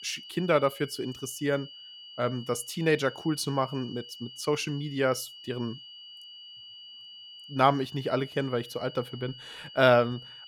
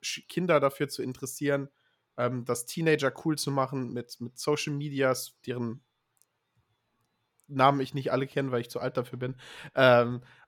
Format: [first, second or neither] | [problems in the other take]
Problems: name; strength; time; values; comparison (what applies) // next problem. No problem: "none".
second | high-pitched whine; noticeable; throughout; 3 kHz, 15 dB below the speech